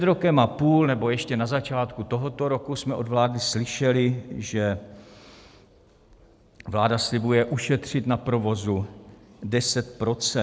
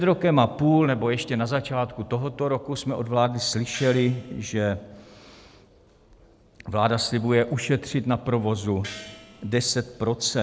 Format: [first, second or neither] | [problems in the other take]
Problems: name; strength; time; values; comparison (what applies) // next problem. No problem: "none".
first | background sound (Gong); 19 dB below the speech